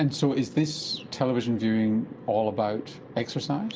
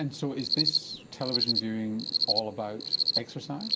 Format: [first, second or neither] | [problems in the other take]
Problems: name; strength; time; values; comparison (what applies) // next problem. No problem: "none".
first | background sound (Cricket); 3 dB above the speech